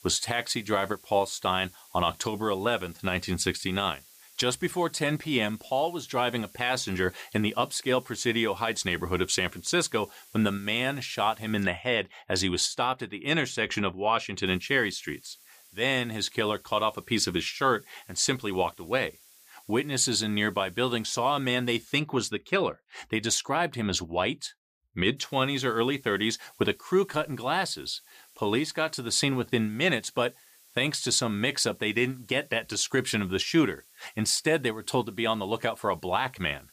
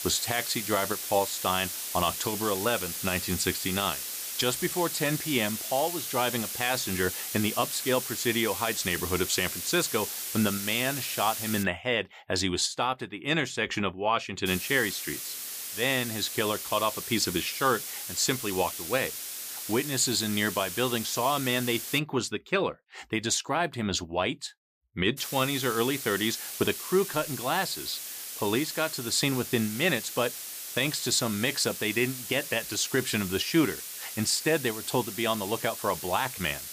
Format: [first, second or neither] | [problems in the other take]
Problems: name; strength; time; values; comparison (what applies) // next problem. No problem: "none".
first | hiss; loud; until 12 s, from 14 to 22 s and from 25 s on; 5 dB below the speech; faint in the first